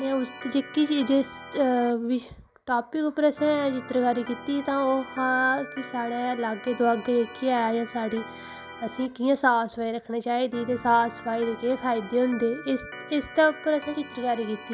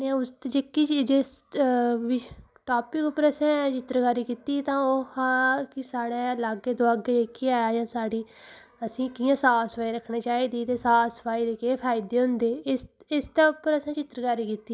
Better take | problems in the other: second | background sound (Organ); 16 dB below the speech

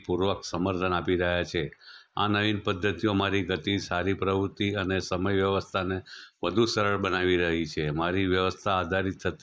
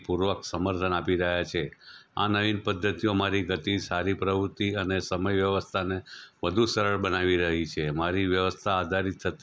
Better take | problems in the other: second | noise reduction (neural mask model Resemble Enhance denoiser)

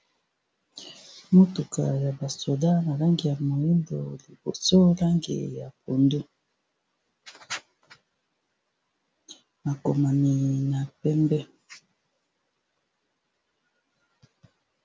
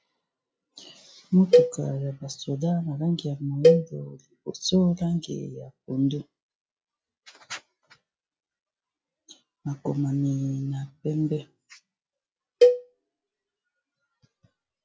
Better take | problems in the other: first | noise reduction (classical method log-MMSE)

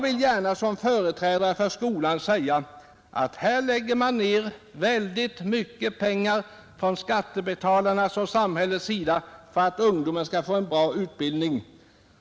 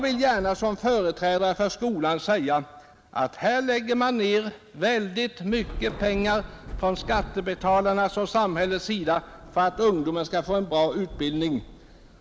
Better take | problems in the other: first | background sound (Thunder / Rain); 17 dB below the speech

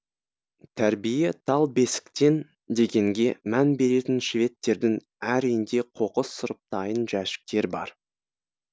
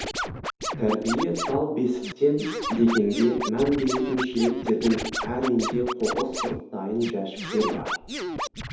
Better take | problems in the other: first | background sound (Scratching (performance technique)); 7 dB below the speech // room echo; dies away in 2.2 s

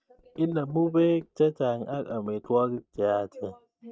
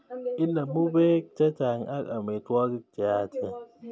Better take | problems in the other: second | noise reduction (neural mask model DeepFilterNet 3)

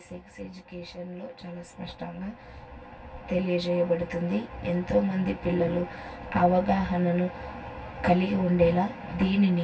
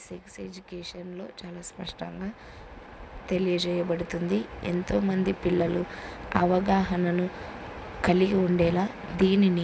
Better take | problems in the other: second | room echo; dies away in 0.1 s

